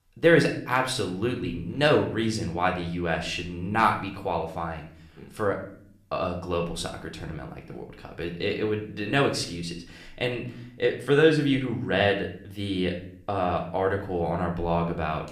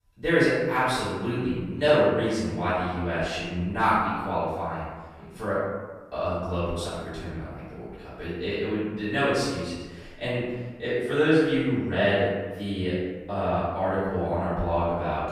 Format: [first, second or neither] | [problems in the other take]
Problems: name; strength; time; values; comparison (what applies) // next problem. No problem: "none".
first | room echo; strong; dies away in 1.2 s; slight in the first // off-mic speech; far; somewhat distant in the first